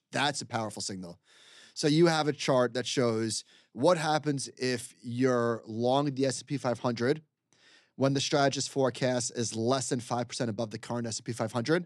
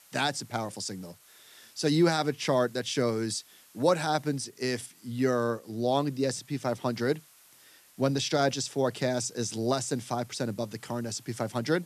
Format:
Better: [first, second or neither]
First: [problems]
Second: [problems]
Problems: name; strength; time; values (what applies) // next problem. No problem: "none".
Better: first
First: none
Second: hiss; faint; throughout; 25 dB below the speech